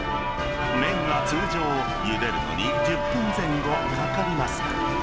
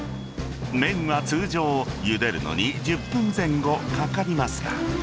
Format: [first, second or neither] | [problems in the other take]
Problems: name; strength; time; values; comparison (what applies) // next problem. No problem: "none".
second | background sound (Church bell); 1 dB above the speech